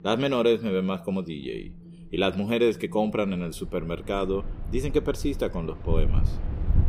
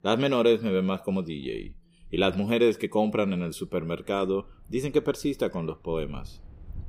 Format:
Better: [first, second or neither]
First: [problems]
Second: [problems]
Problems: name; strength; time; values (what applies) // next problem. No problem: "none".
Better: second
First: wind in the background; loud; throughout; 7 dB below the speech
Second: wind in the background; faint; throughout; 25 dB below the speech